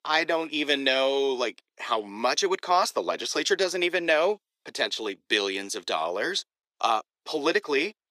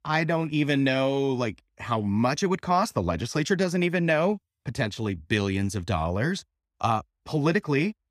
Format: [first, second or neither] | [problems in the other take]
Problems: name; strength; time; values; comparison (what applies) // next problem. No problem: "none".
second | thin; very; fading below 400 Hz